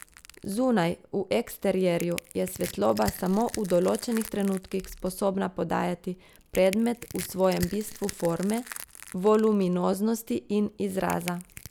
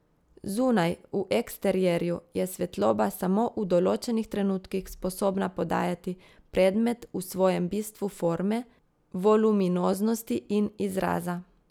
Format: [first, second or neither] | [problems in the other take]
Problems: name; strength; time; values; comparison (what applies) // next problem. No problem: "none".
second | background sound (Crushing); 16 dB below the speech